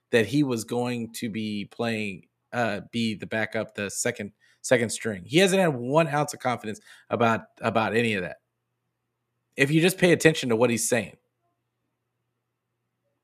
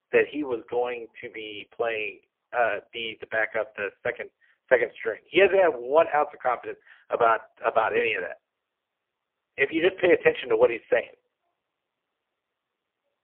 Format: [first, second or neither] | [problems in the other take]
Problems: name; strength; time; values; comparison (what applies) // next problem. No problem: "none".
first | phone-call audio; poor line